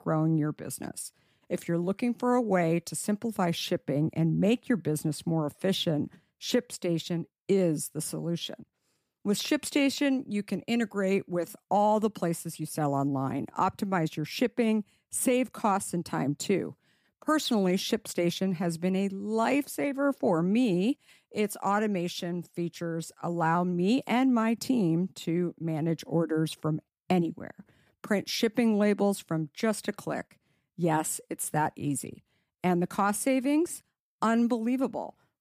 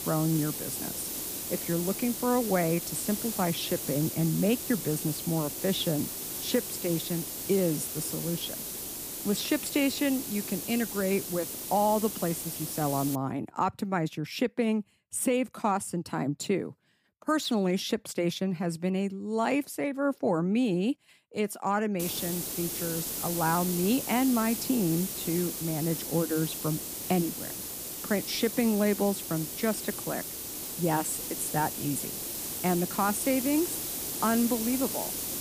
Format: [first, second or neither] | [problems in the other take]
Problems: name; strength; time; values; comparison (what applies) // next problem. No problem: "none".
first | hiss; loud; until 13 s and from 22 s on; 4 dB below the speech